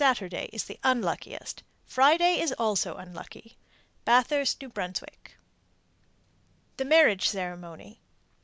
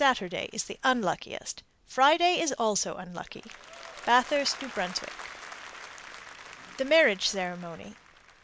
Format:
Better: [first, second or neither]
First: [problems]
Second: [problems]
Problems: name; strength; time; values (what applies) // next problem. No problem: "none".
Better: first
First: none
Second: background sound (Applause); 18 dB below the speech